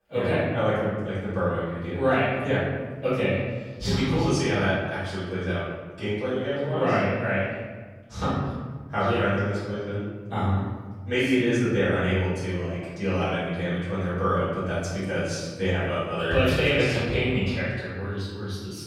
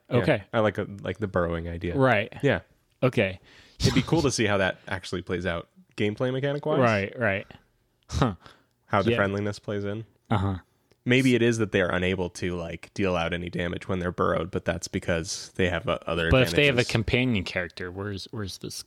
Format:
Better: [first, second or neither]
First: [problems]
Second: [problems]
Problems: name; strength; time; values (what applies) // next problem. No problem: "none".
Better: second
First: off-mic speech; far // room echo; strong; dies away in 1.4 s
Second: none